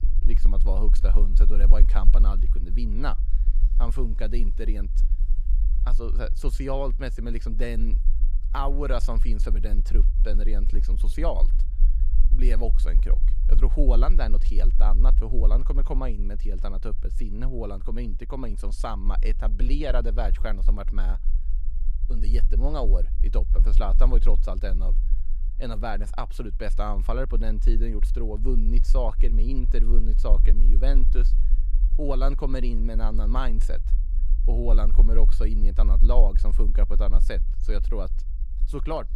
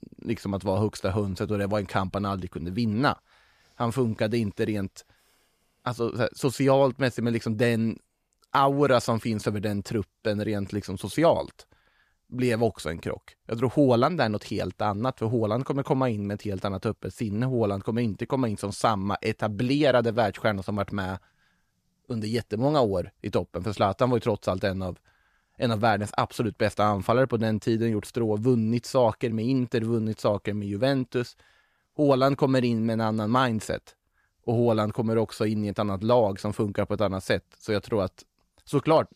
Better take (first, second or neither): second